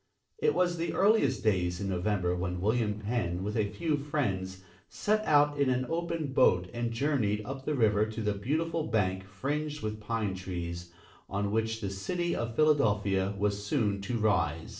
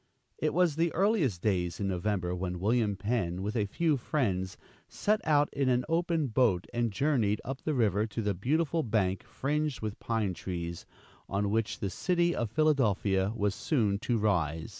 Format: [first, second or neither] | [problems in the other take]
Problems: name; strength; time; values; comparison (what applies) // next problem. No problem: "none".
second | noise reduction (neural separator model SepFormer DNS4)